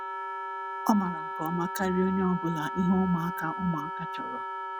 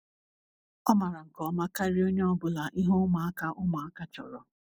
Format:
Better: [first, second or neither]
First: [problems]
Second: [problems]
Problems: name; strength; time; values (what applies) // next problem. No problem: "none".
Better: second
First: background sound (Wind instrument, woodwind instrument); 5 dB below the speech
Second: none